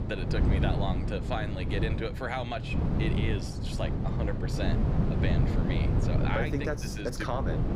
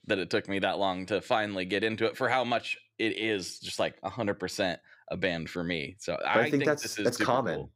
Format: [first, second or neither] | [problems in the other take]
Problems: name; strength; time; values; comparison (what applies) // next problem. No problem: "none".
second | wind noise on the microphone; heavy; 3 dB below the speech